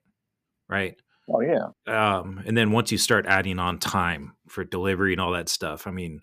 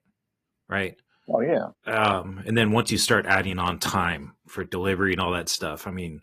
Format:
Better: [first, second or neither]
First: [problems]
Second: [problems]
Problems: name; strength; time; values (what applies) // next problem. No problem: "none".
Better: first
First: none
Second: garbled, watery; slightly; nothing above 15 kHz